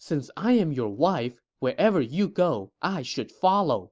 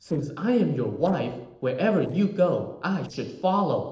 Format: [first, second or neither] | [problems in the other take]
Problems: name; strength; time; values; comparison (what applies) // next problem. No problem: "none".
first | noise reduction (neural separator model SepFormer DNS4)